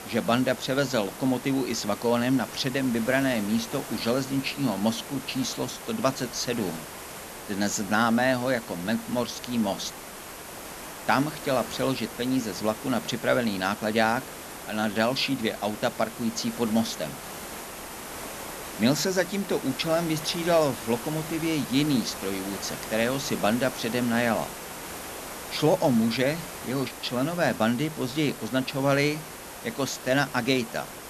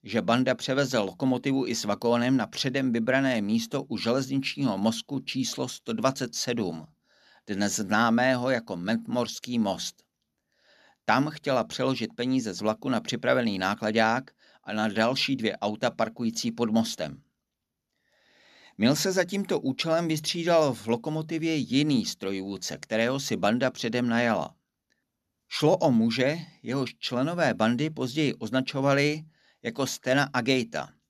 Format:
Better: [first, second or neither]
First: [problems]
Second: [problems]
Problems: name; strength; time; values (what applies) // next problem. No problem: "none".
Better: second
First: hiss; noticeable; throughout; 10 dB below the speech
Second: none